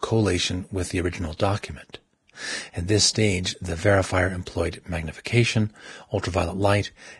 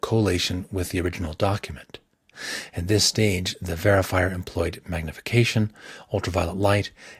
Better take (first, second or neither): second